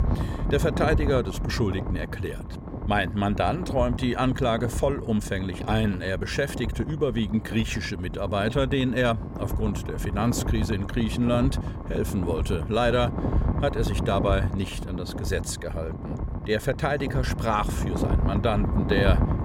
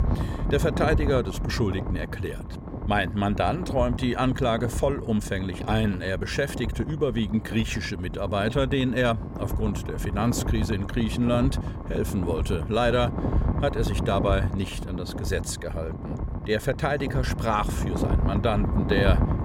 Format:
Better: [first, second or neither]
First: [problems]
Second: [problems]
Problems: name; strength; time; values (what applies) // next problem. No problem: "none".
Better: neither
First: wind noise on the microphone; heavy; 9 dB below the speech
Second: wind noise on the microphone; heavy; 9 dB below the speech